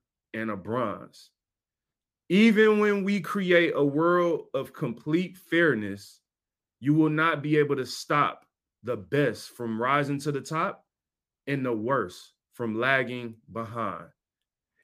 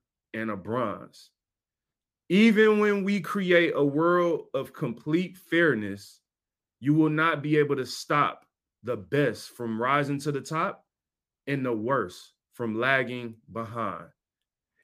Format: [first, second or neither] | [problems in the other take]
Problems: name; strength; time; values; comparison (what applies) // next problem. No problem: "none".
neither | none